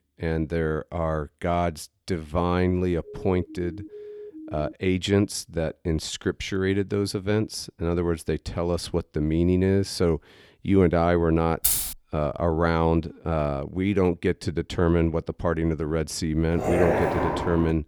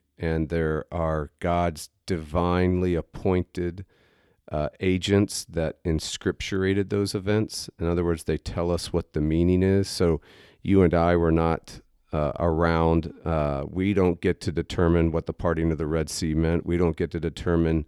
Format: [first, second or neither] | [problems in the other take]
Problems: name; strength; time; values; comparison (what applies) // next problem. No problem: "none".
second | siren; faint; from 3 to 4.5 s; peak 15 dB below the speech // jangling keys; loud; at 12 s; peak 3 dB above the speech // dog barking; loud; from 16 s on; peak 2 dB above the speech